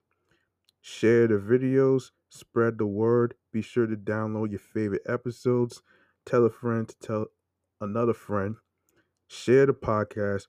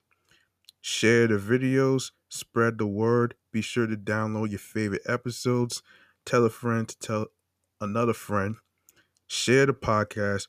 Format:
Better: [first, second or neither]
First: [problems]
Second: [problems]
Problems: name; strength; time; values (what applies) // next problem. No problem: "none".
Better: second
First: muffled; slightly; fading above 2 kHz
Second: none